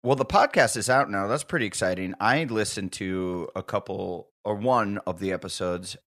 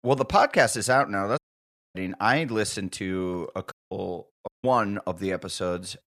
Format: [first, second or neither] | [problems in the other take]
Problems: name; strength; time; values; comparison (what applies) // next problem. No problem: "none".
first | audio cutting out; at 1.5 s for 0.5 s, at 3.5 s and at 4.5 s